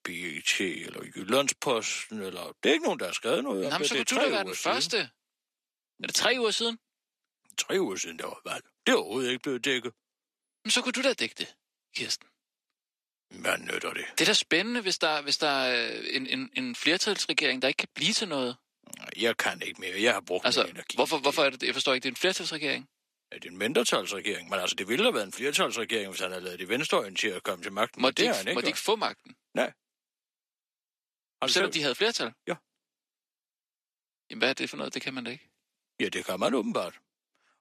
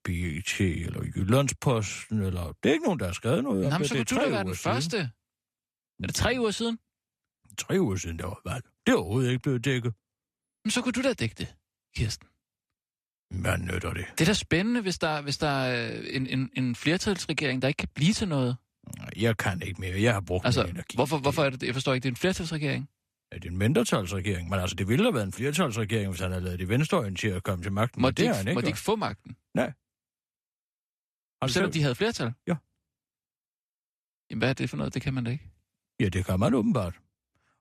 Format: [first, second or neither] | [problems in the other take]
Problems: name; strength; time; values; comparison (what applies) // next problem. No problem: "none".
second | thin; somewhat; fading below 300 Hz